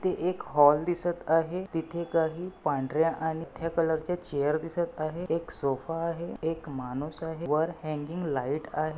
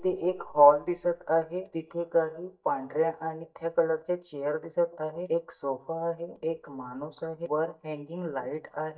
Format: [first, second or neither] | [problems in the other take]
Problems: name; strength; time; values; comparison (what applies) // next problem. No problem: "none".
first | noise reduction (neural mask model DeepFilterNet 3)